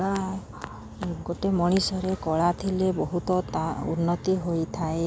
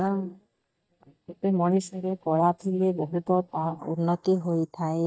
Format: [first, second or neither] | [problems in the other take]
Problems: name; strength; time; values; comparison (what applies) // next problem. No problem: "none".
first | noise reduction (neural mask model DeepFilterNet 3)